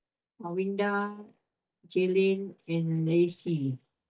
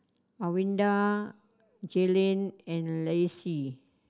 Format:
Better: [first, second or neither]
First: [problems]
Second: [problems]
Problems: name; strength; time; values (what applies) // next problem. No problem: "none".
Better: second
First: noise reduction (neural mask model DeepFilterNet 3)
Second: none